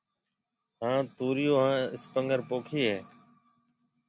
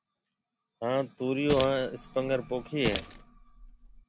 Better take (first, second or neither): first